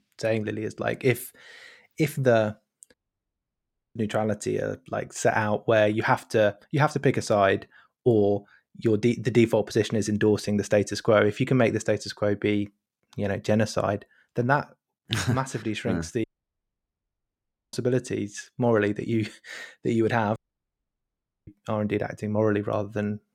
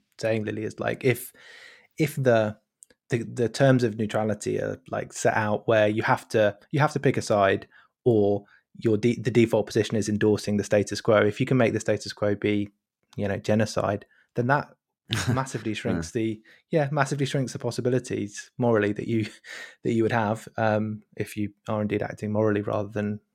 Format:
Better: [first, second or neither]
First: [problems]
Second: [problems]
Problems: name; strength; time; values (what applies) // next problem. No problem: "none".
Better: second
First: audio cutting out; at 3 s for 1 s, at 16 s for 1.5 s and at 20 s for 1 s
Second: none